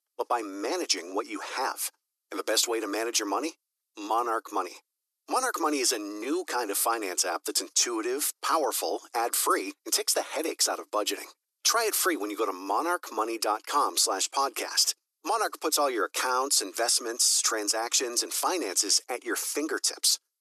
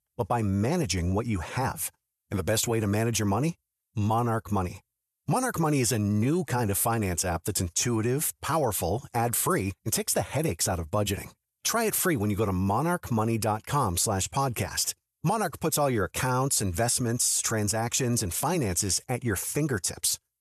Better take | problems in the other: second | thin; very; fading below 300 Hz

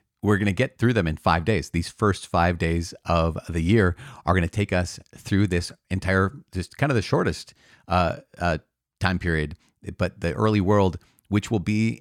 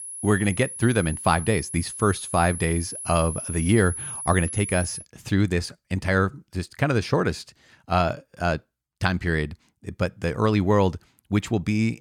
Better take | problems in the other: first | high-pitched whine; loud; until 5 s; 10.5 kHz, 8 dB below the speech

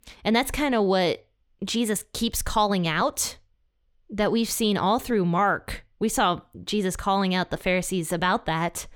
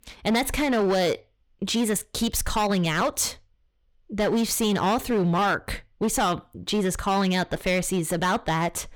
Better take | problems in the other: first | distortion; slight; 10% of the sound clipped

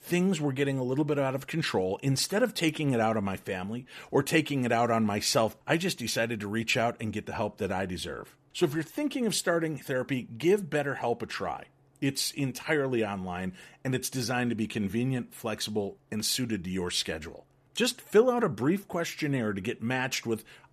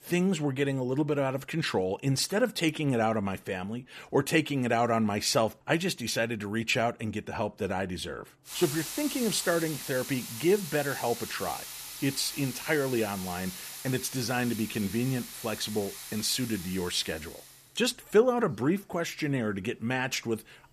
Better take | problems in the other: first | hiss; loud; from 8.5 s on; 9 dB below the speech

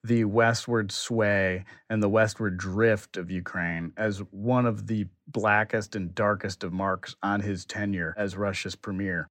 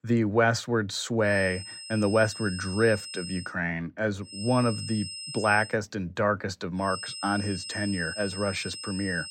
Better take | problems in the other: first | high-pitched whine; loud; from 1.5 to 3.5 s, from 4.5 to 5.5 s and from 7 s on; 5 kHz, 9 dB below the speech

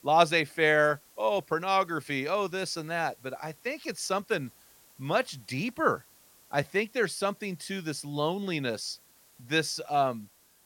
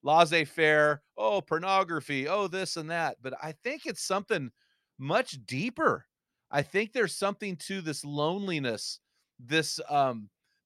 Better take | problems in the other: second | hiss; faint; throughout; 25 dB below the speech

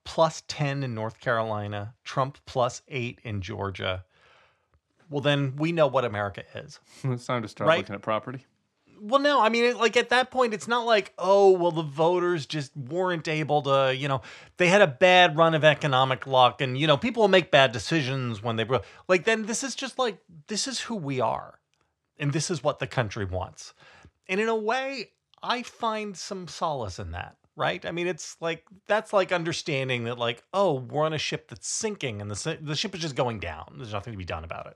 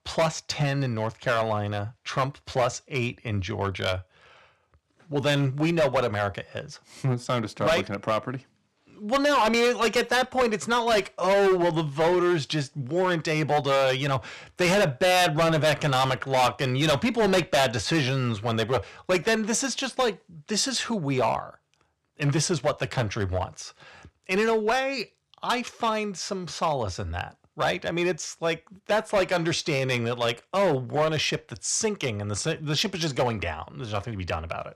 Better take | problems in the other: first | distortion; heavy; 8% of the sound clipped

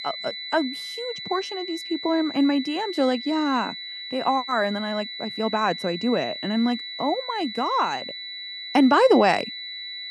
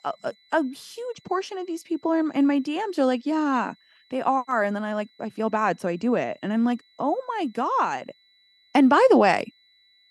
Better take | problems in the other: second | high-pitched whine; loud; throughout; 4 kHz, 8 dB below the speech; faint in the second

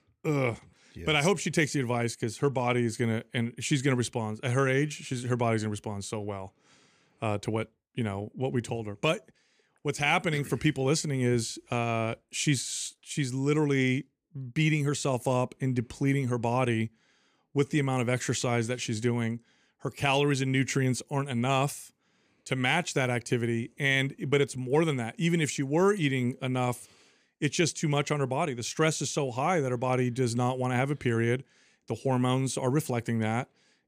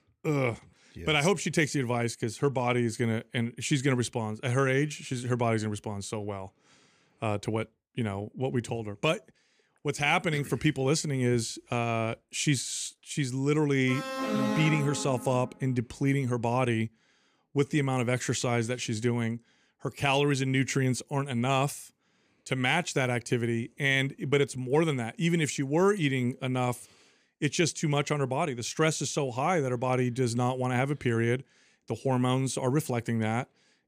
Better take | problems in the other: first | alarm; loud; from 14 to 15 s; peak level with the speech

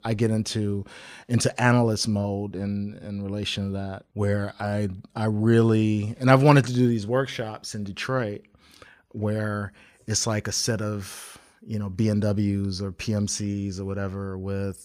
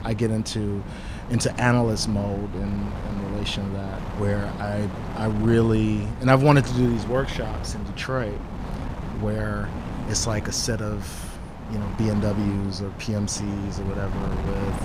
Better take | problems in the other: first | wind noise on the microphone; occasional gusts; 10 dB below the speech

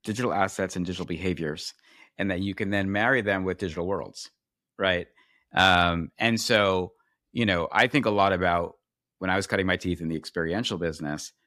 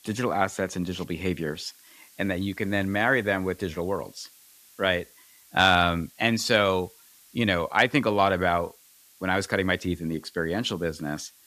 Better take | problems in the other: first | hiss; faint; throughout; 25 dB below the speech

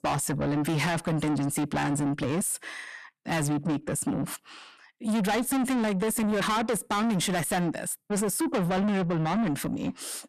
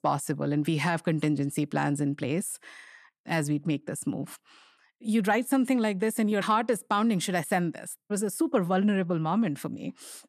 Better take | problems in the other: second | distortion; heavy; 6 dB below the speech

